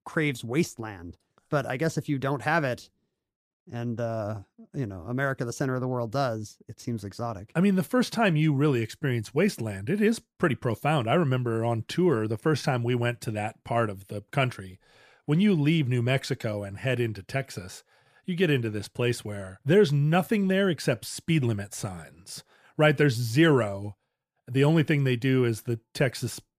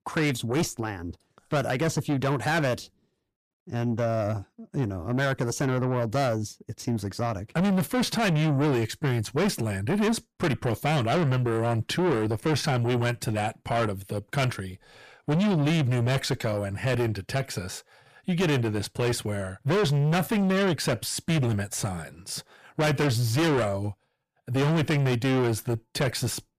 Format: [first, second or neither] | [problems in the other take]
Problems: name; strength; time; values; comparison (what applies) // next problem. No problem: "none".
first | distortion; heavy; 6 dB below the speech